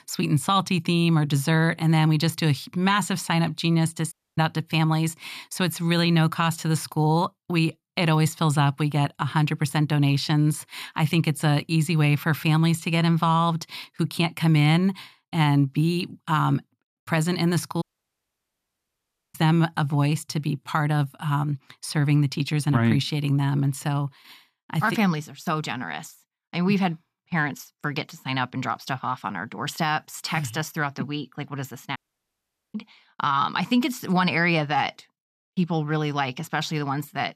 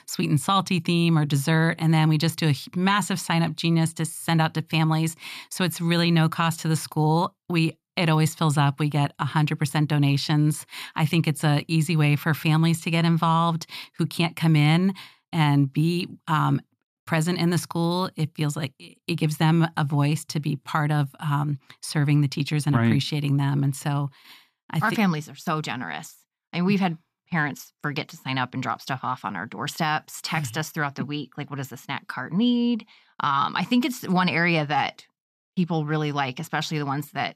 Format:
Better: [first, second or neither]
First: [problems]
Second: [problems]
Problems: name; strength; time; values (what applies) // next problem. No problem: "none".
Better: second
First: audio cutting out; at 4 s, at 18 s for 1.5 s and at 32 s for 1 s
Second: none